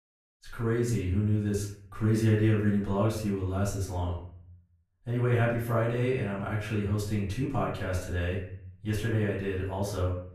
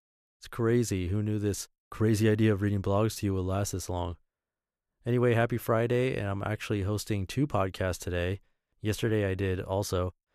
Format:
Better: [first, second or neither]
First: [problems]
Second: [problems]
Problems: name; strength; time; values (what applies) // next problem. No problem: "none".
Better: second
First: off-mic speech; far // room echo; noticeable; dies away in 0.6 s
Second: none